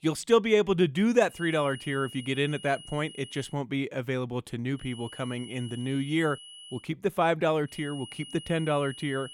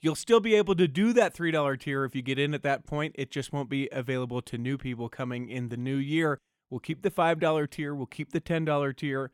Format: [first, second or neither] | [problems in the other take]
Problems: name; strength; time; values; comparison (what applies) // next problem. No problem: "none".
second | high-pitched whine; noticeable; from 1.5 to 3.5 s, from 5 to 7 s and from 7.5 s on; 3 kHz, 15 dB below the speech